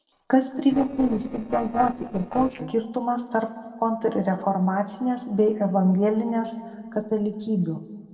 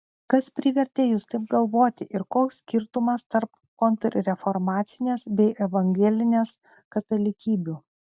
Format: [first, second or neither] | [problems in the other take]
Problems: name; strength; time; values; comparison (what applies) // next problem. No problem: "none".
second | noise reduction (neural separator model SepFormer DNS4)